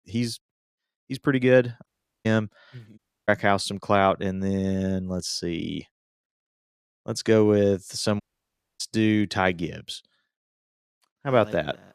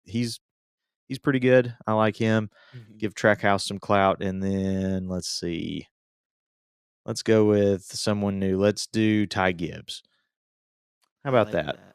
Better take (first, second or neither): second